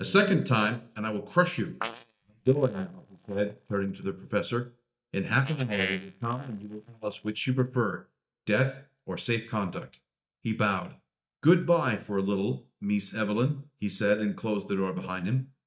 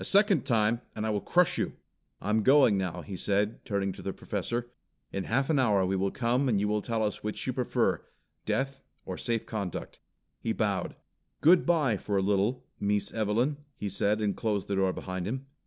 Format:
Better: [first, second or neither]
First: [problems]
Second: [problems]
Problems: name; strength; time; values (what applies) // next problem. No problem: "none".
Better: second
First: noise reduction (neural mask model DeepFilterNet 3)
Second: none